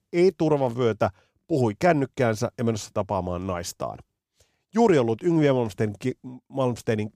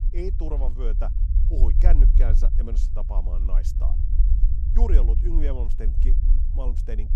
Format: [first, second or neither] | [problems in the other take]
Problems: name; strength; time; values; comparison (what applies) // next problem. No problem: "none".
first | low rumble; loud; throughout; 7 dB below the speech